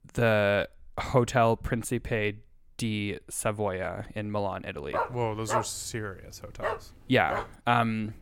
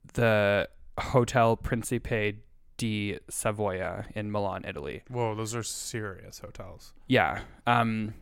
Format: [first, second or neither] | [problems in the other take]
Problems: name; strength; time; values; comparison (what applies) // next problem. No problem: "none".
second | dog barking; noticeable; from 5 to 7.5 s; peak 3 dB below the speech